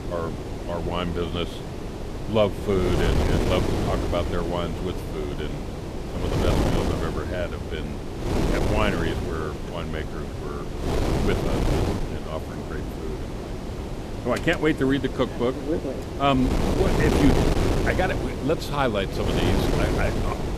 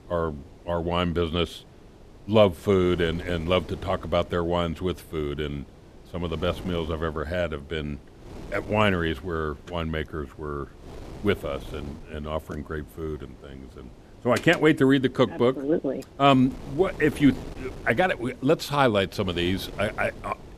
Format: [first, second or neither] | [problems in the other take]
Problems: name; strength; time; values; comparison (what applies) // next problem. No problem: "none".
second | wind noise on the microphone; heavy; 3 dB below the speech; occasional gusts in the second